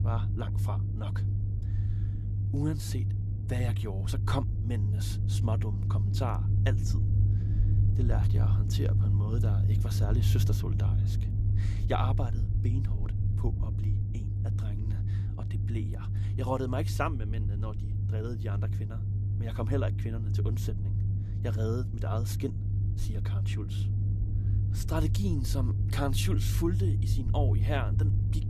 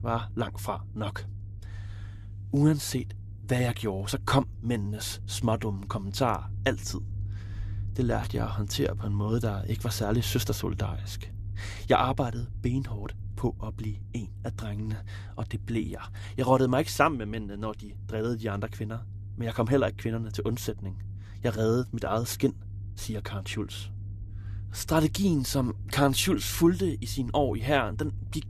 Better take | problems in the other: second | low rumble; loud; throughout; 5 dB below the speech; faint in the second

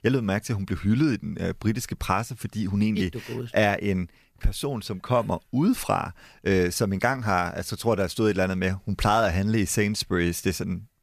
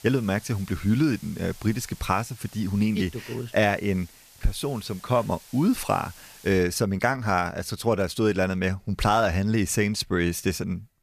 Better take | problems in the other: first | hiss; faint; until 6.5 s; 20 dB below the speech

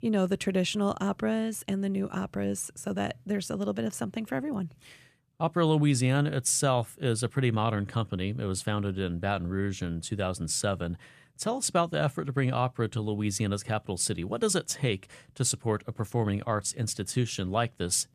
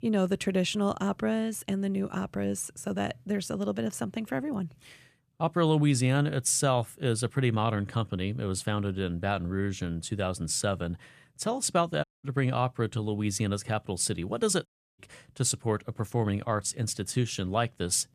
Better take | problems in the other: first | audio cutting out; at 12 s and at 15 s

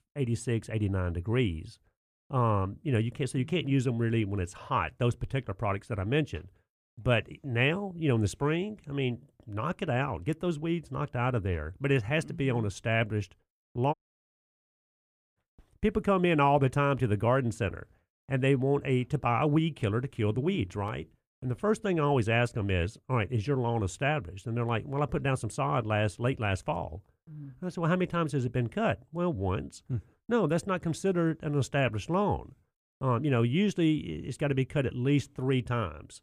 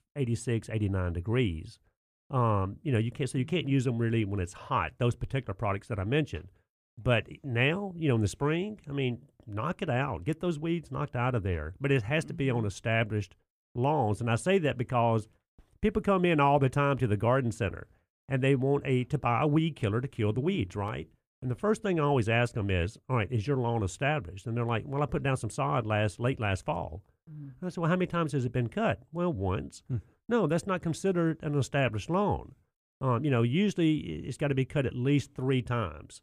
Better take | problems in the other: second | audio cutting out; at 14 s for 1.5 s

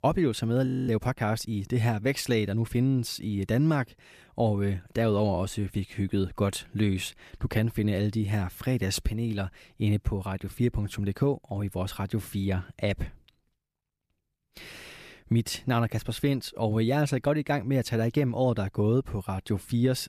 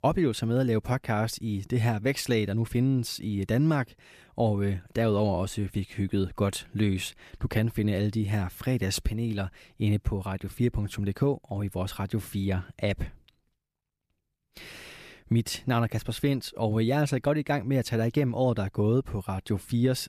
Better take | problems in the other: second | audio freezing; at 0.5 s

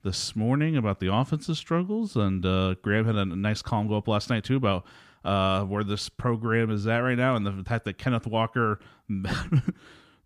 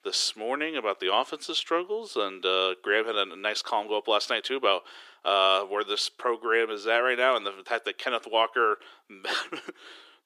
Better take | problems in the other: first | thin; very; fading below 350 Hz

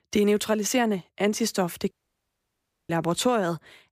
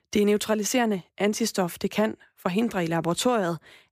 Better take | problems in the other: second | audio cutting out; at 2 s for 1 s

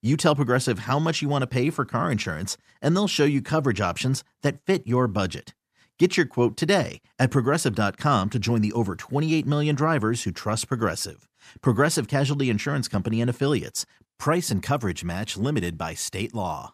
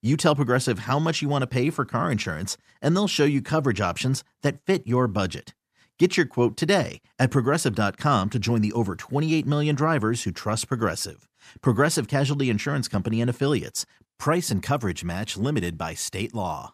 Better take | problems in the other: neither | none

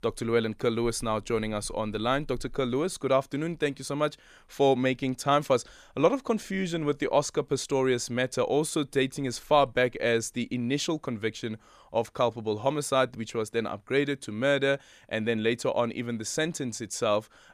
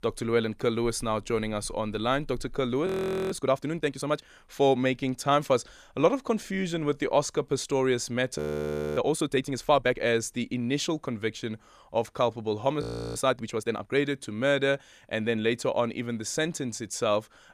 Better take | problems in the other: first | audio freezing; at 3 s, at 8.5 s for 0.5 s and at 13 s

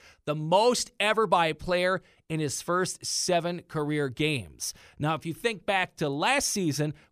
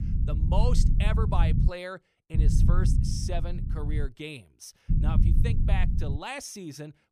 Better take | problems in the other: first | low rumble; loud; until 1.5 s, from 2.5 to 4 s and from 5 to 6 s; 4 dB below the speech

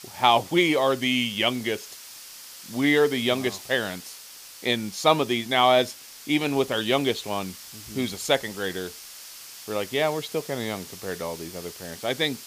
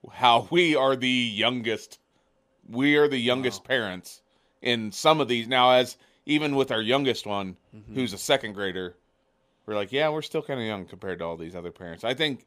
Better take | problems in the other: second | hiss; noticeable; throughout; 15 dB below the speech

